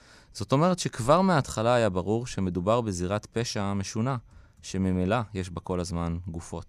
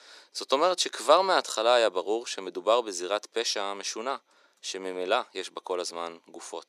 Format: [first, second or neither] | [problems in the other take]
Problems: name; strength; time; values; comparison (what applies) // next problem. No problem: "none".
first | thin; very; fading below 350 Hz